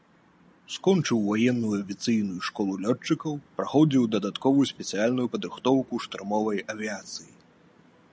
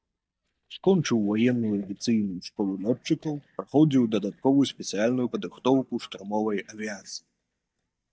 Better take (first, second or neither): first